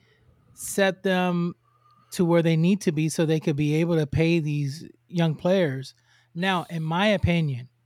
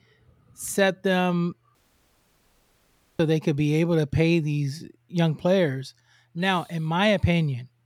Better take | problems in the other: first | audio cutting out; at 2 s for 1.5 s

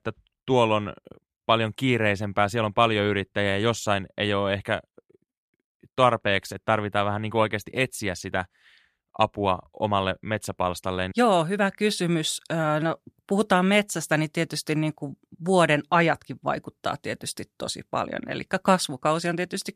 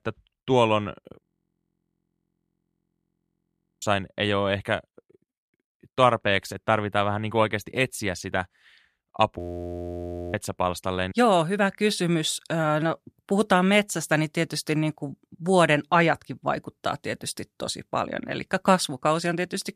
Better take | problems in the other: first | audio freezing; at 1 s for 2.5 s and at 9.5 s for 1 s

